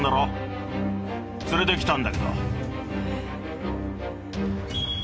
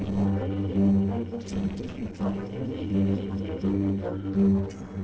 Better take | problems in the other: first | noise reduction (neural separator model SepFormer DNS4)

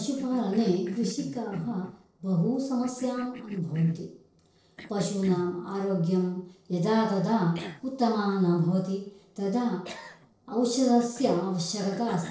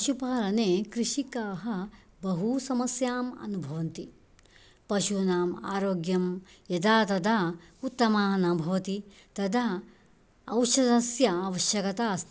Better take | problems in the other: second | noise reduction (neural separator model SepFormer DNS4)

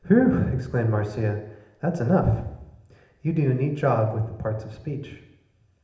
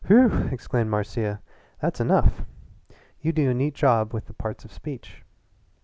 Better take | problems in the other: second | room echo; dies away in 0.8 s

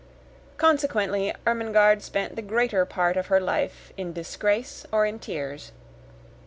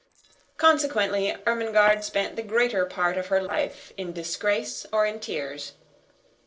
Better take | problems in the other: first | noise reduction (neural separator model SepFormer DNS4)

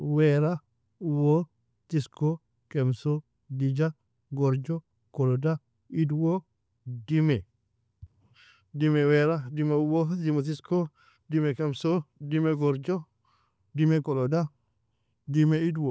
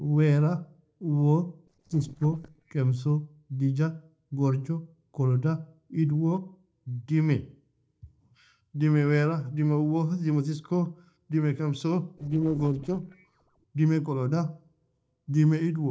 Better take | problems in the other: first | noise reduction (neural separator model SepFormer DNS4)

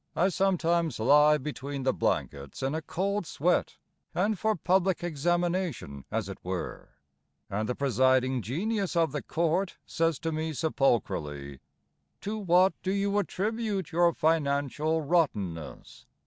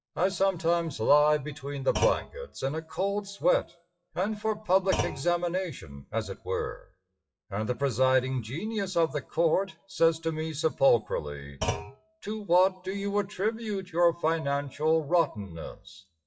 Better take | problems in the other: first | noise reduction (classical method WPE with log-MMSE)

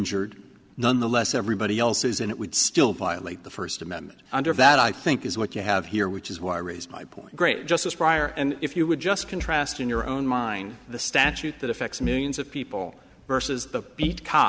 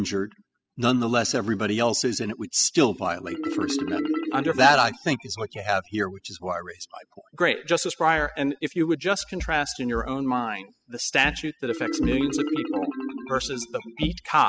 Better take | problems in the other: first | noise reduction (classical method spectral subtraction)

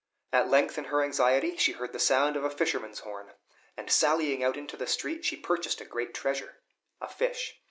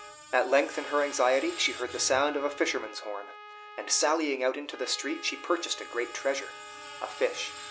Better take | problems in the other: first | background sound (Trumpet + Screech); 14 dB below the speech

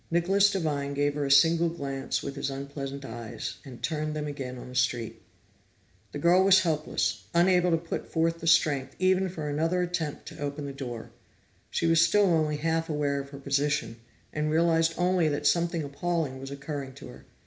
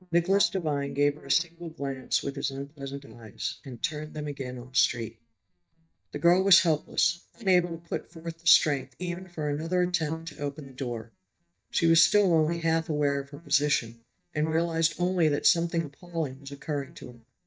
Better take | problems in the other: first | noise reduction (neural mask model DeepFilterNet 3)

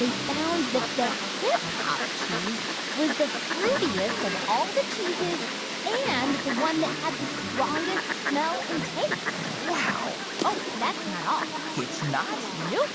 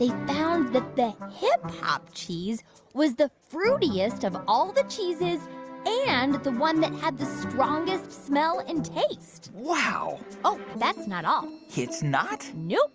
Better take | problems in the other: second | background sound (Fowl); 2 dB below the speech

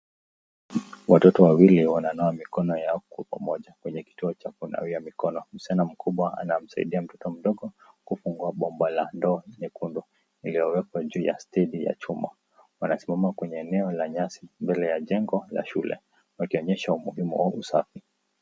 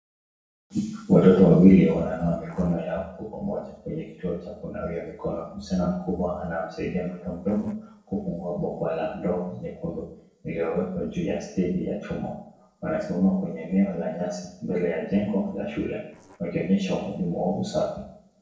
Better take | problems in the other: first | noise reduction (neural separator model SepFormer DNS4)

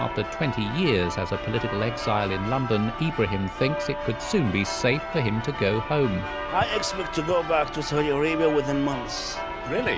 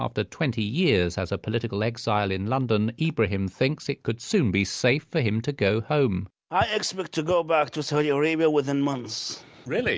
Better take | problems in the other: second | background sound (Church bell); 7 dB below the speech

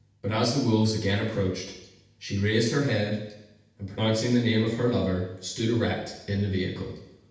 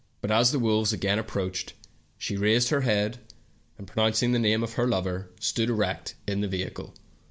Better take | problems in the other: second | room echo; dies away in 0.9 s

